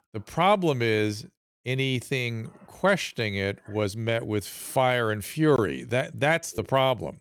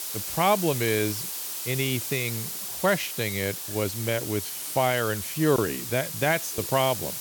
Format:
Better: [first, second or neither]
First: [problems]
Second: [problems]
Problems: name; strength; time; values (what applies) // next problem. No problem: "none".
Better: first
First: none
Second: hiss; loud; throughout; 5 dB below the speech